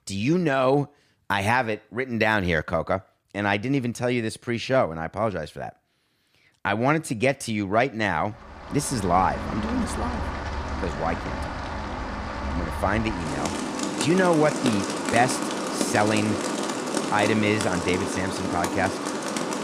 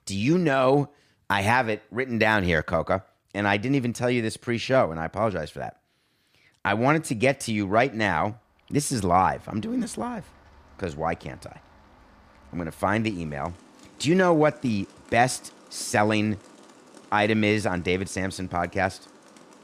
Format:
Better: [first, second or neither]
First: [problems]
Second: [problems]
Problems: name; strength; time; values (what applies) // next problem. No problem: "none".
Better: second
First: rain or running water; loud; from 9 s on; 4 dB below the speech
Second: rain or running water; faint; from 9 s on; 25 dB below the speech